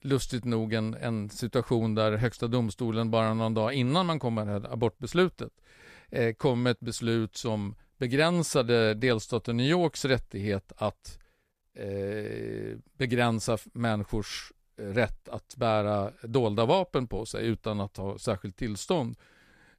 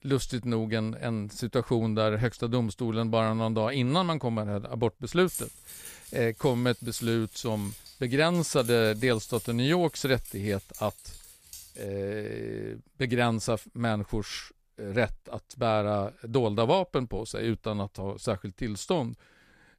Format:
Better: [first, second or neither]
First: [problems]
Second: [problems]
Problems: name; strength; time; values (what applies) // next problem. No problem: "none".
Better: first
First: none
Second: jangling keys; noticeable; from 5.5 to 12 s; peak 8 dB below the speech